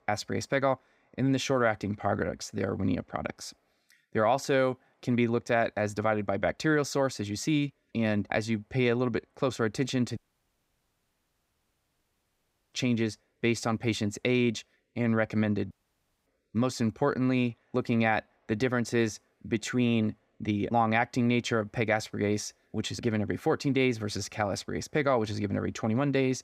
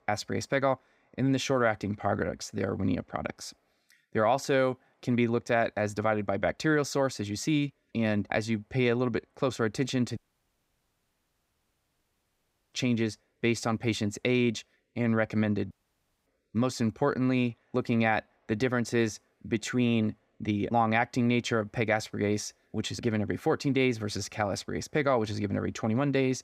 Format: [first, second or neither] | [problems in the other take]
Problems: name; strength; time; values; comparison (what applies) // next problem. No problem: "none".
neither | audio cutting out; at 10 s for 2.5 s and at 16 s for 0.5 s; the same in both